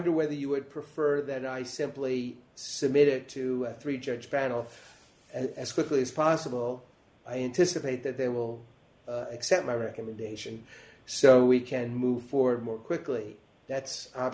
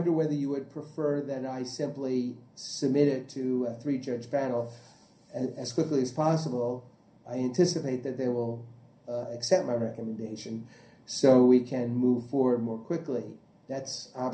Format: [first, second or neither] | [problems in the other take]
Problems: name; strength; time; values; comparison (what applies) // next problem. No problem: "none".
first | room echo; dies away in 0.3 s